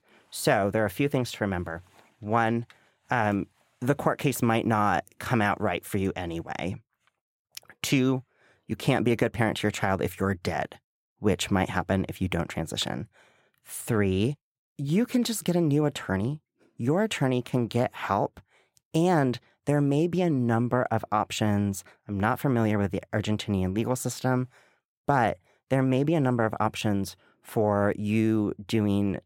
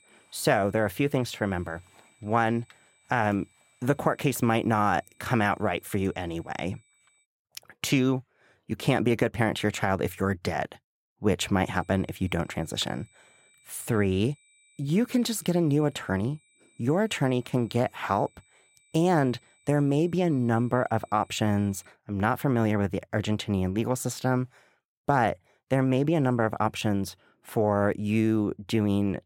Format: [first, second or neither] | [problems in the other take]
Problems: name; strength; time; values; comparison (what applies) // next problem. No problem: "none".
first | high-pitched whine; faint; until 7 s and from 12 to 22 s; 2.5 kHz, 35 dB below the speech